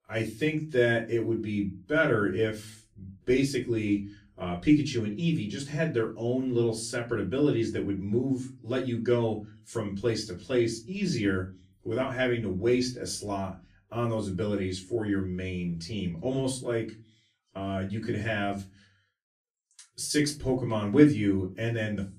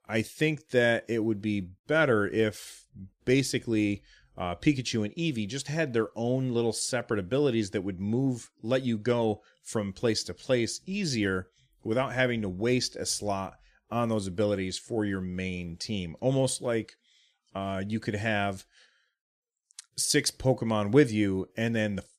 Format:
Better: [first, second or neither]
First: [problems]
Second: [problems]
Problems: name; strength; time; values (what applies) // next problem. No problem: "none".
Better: second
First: off-mic speech; far // room echo; very slight; dies away in 0.3 s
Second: none